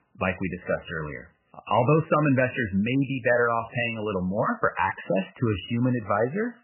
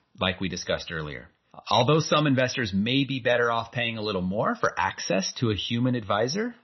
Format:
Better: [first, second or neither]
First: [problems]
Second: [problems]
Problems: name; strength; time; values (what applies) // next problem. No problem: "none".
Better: second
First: garbled, watery; badly; nothing above 3 kHz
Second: garbled, watery; slightly; nothing above 6 kHz